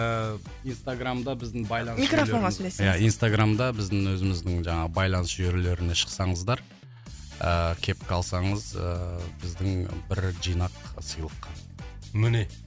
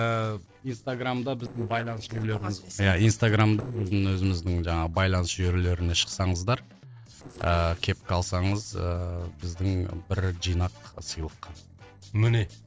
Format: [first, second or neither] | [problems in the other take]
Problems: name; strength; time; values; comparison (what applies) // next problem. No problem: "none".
first | noise reduction (neural separator model SepFormer DNS4)